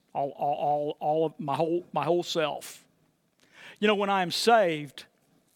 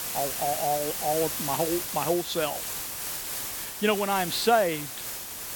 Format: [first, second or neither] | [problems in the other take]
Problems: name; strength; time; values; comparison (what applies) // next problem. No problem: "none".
first | hiss; loud; throughout; 4 dB below the speech